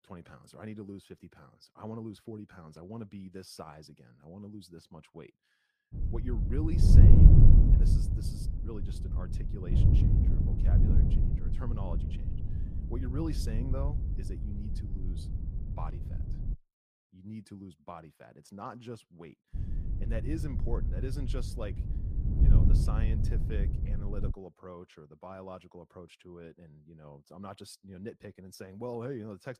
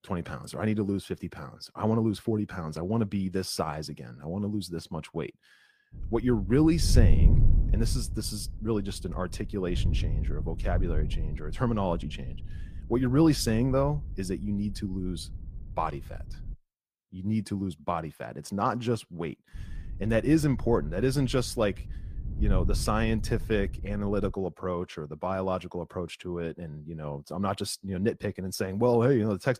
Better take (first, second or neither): second